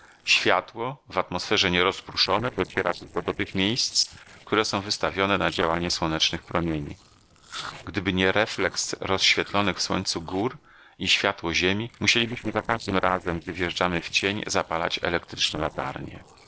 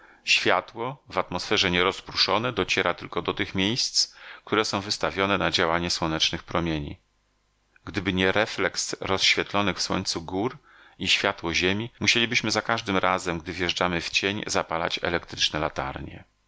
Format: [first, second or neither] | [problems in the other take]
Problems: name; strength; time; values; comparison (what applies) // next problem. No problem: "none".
second | noise reduction (neural separator model SepFormer DNS4)